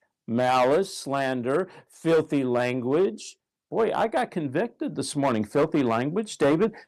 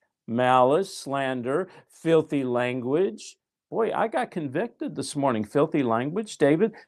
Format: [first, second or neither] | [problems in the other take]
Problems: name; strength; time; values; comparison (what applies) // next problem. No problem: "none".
second | distortion; slight; 4% of the sound clipped